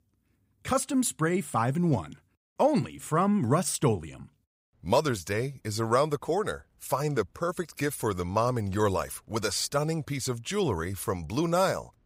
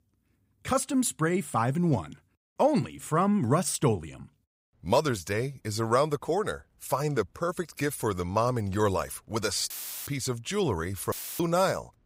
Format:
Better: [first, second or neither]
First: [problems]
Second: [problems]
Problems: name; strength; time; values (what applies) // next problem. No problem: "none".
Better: first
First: none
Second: audio cutting out; filled with static; at 9.5 s and at 11 s